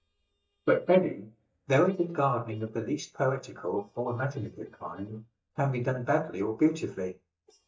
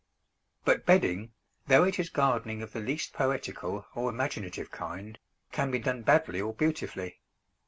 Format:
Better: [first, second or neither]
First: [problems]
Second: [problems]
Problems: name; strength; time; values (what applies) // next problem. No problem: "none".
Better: second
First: noise reduction (neural mask model DeepFilterNet 3)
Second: none